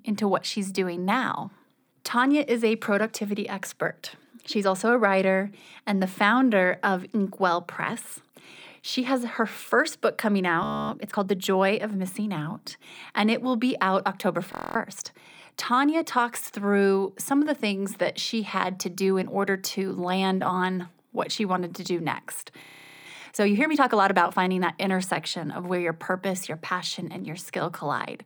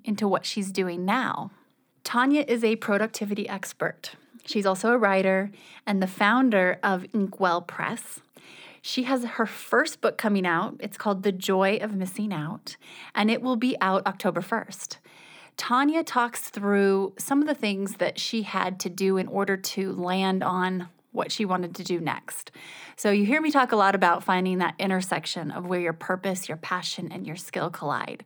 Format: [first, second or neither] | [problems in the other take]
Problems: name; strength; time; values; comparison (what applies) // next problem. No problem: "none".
second | audio freezing; at 11 s, at 15 s and at 23 s